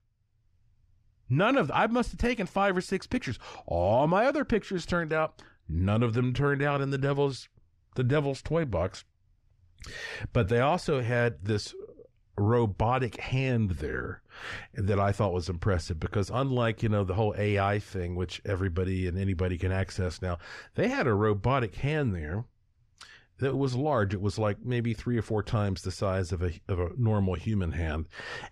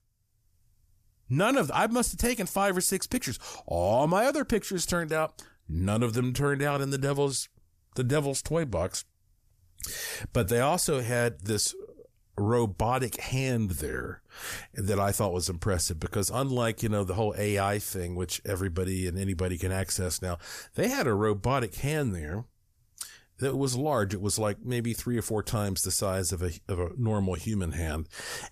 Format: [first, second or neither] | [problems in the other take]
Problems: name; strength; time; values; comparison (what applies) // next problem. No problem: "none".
second | muffled; slightly; fading above 3 kHz